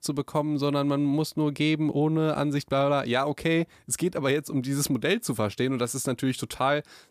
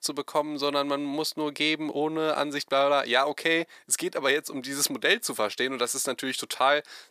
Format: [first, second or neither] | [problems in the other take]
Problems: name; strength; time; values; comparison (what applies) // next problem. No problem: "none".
first | thin; somewhat; fading below 450 Hz